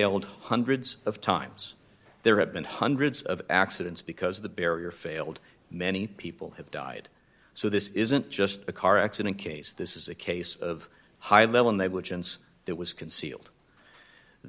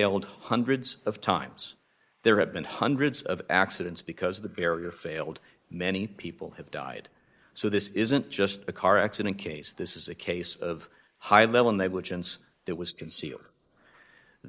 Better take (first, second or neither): first